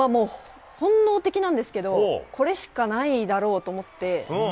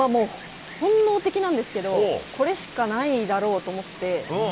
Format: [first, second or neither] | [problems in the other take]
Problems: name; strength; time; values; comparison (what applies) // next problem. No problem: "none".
first | background sound (Wind); 17 dB below the speech